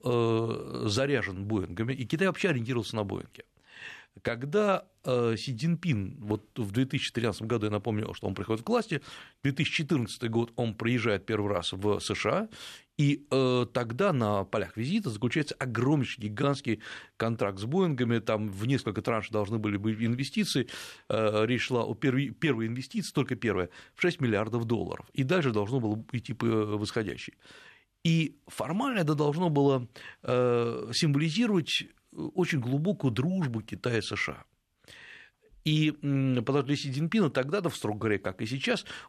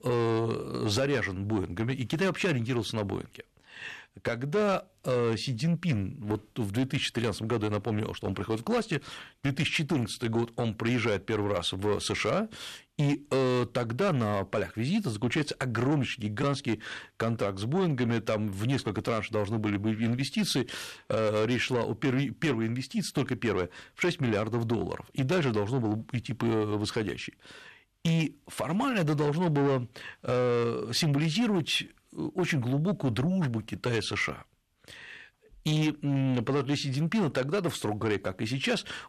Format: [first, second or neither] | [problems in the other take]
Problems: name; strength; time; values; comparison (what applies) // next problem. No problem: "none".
first | distortion; slight; 10 dB below the speech